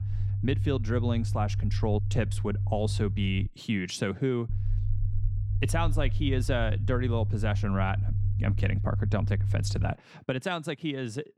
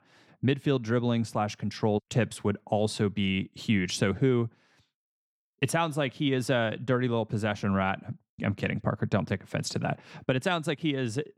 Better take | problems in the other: second | low rumble; noticeable; until 3.5 s and from 4.5 to 10 s; 10 dB below the speech

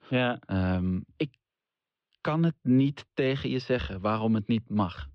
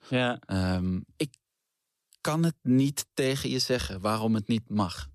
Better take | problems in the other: second | muffled; very; fading above 3 kHz

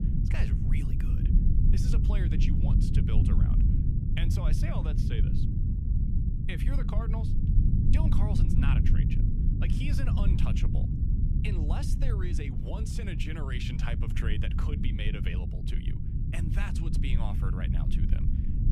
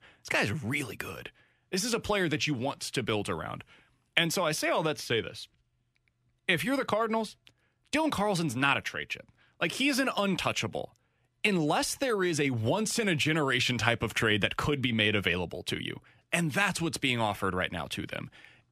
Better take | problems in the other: second | low rumble; loud; throughout; as loud as the speech

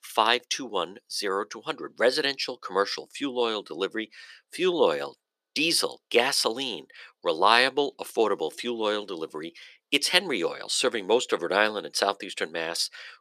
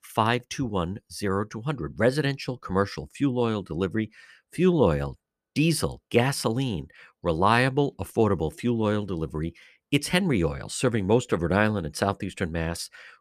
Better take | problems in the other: second | thin; somewhat; fading below 350 Hz

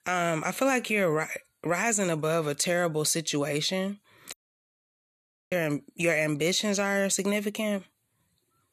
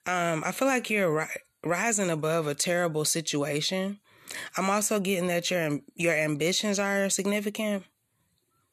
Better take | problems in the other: second | audio cutting out; at 4.5 s for 1 s

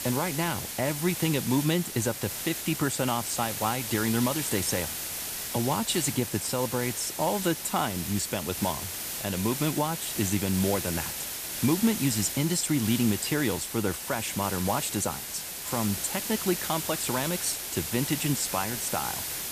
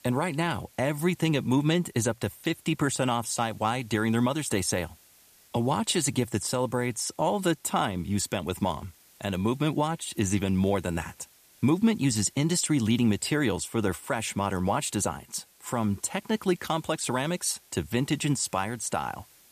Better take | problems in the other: second | hiss; loud; throughout; 3 dB below the speech; faint in the second

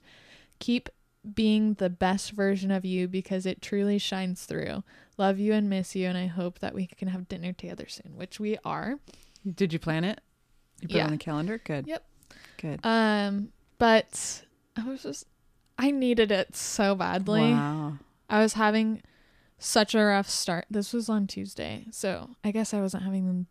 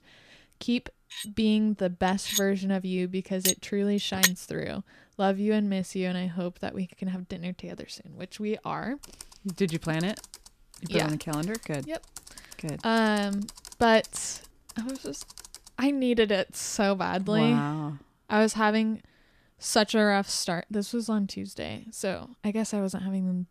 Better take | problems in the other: first | clattering dishes; loud; from 1 to 4.5 s; peak 4 dB above the speech // keyboard typing; faint; from 9 to 16 s; peak 10 dB below the speech

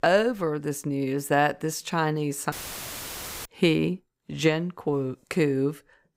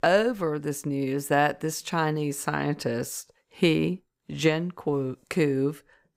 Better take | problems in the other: second | audio cutting out; filled with static; at 2.5 s for 1 s

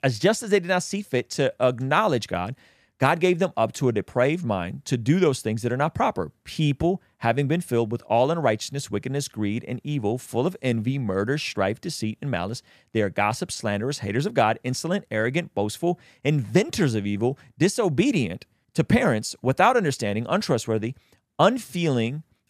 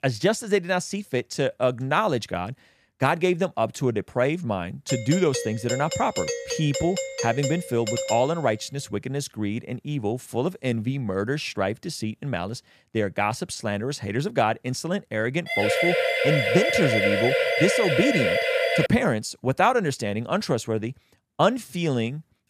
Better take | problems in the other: first | doorbell; noticeable; from 5 to 8.5 s; peak 3 dB below the speech // siren; loud; from 15 to 19 s; peak 4 dB above the speech

